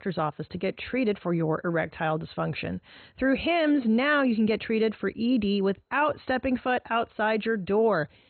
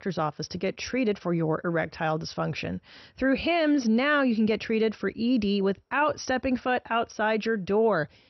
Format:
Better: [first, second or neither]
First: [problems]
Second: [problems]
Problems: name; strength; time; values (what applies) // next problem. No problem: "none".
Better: second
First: garbled, watery; badly; nothing above 4 kHz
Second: garbled, watery; slightly; nothing above 6 kHz